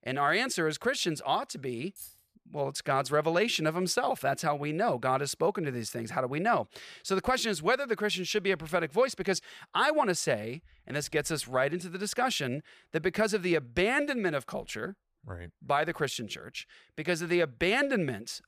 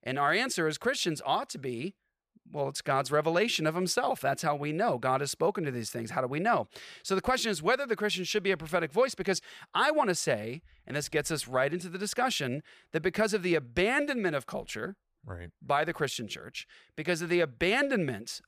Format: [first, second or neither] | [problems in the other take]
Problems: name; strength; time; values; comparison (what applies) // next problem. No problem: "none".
second | jangling keys; faint; at 2 s; peak 15 dB below the speech